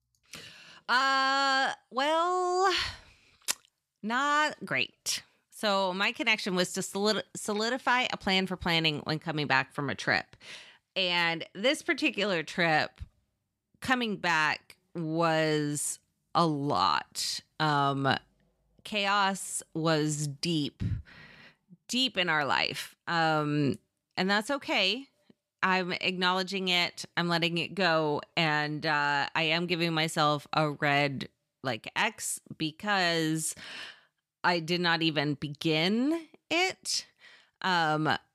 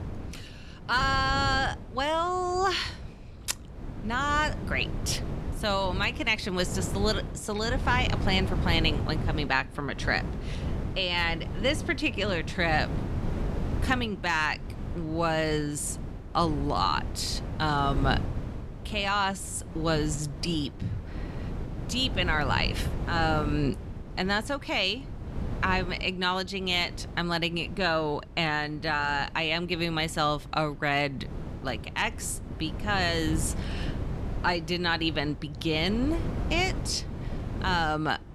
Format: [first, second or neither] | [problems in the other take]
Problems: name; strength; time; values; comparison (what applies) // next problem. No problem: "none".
first | wind noise on the microphone; occasional gusts; 15 dB below the speech